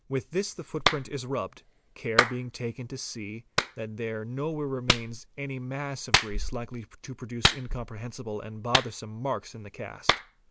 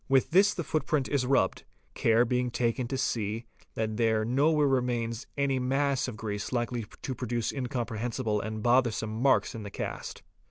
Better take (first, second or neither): second